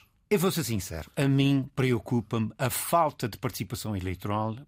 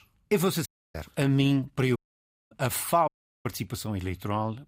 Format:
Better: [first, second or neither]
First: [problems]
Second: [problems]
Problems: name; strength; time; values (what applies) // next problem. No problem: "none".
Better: first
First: none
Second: audio cutting out; at 0.5 s, at 2 s for 0.5 s and at 3 s